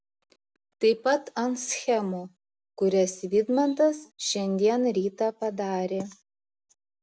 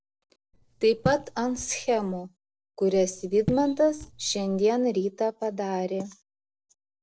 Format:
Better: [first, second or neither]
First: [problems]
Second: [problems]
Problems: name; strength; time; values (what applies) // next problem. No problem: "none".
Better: first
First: none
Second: noise reduction (neural separator model SepFormer DNS4)